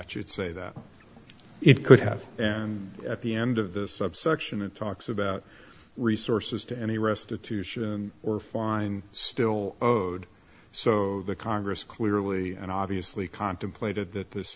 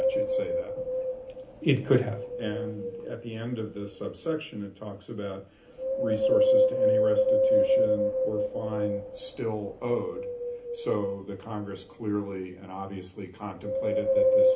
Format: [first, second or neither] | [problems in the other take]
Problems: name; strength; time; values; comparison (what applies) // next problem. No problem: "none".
first | background sound (Wind); 5 dB above the speech // room echo; dies away in 0.3 s